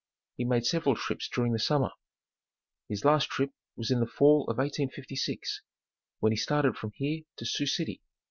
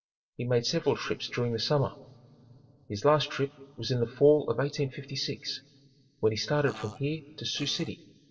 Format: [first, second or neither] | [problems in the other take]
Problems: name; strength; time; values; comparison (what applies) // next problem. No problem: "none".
first | noise reduction (neural separator model SepFormer DNS4)